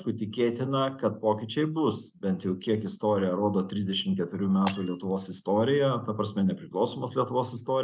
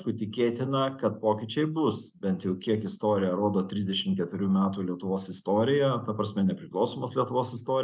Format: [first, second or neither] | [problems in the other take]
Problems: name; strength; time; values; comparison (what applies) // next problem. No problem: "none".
second | background sound (Shatter); 18 dB below the speech